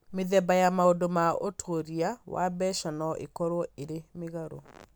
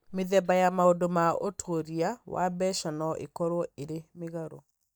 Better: first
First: none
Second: noise reduction (neural mask model DeepFilterNet 3)

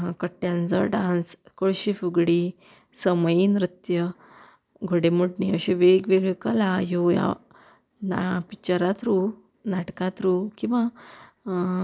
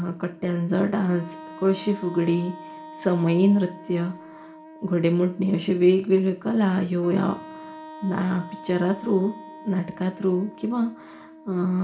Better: first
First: none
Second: background sound (Wind instrument, woodwind instrument); 18 dB below the speech // room echo; dies away in 0.8 s

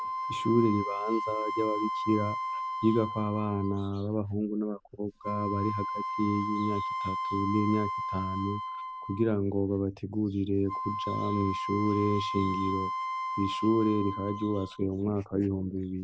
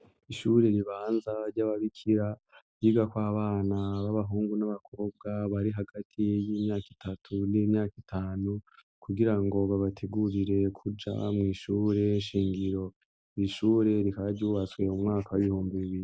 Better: second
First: background sound (Wind instrument, woodwind instrument); 5 dB below the speech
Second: none

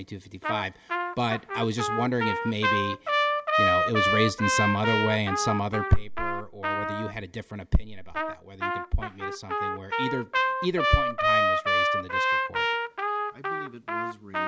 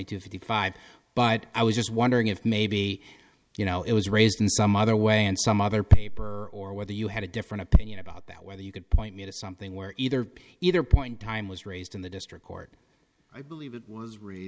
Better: second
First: background sound (Trumpet); 2 dB above the speech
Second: none

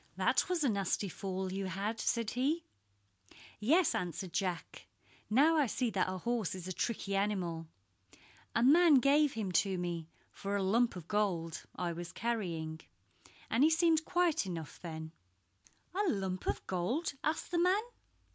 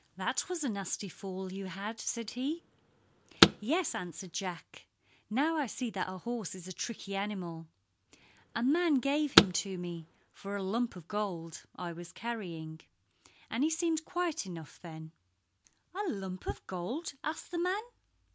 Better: first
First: none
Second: background sound (Car); 2 dB above the speech

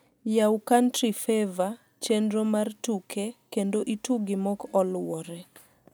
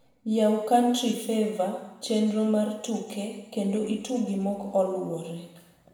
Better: first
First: none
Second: room echo; dies away in 0.9 s

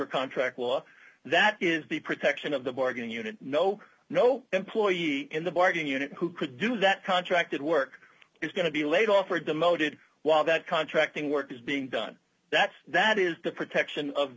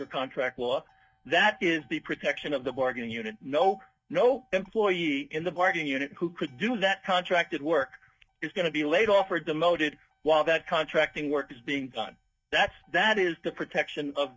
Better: first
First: none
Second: noise reduction (neural mask model DeepFilterNet 3)

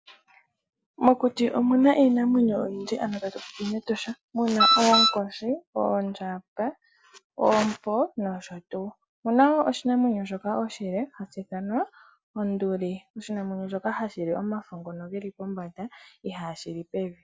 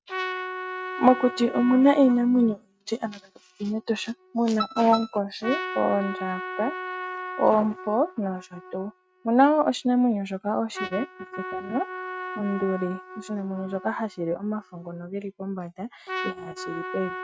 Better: first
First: none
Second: noise reduction (neural mask model RNNoise)

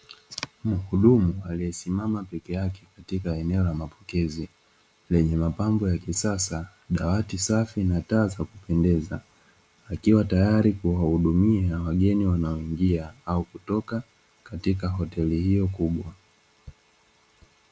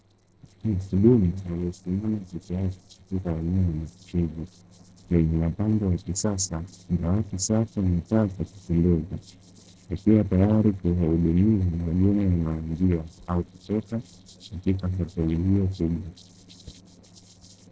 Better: first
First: none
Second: noise reduction (neural separator model SepFormer DNS4)

